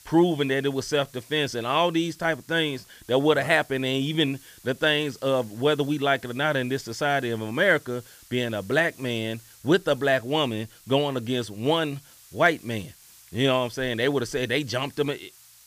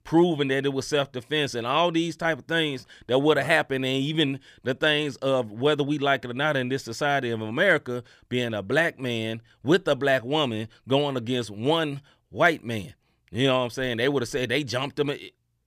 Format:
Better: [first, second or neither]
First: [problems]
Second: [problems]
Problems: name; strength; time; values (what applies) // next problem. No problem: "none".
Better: second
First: hiss; faint; throughout; 25 dB below the speech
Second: none